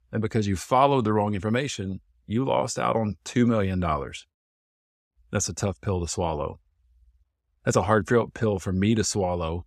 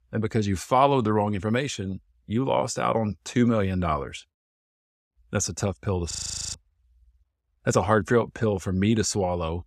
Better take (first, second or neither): first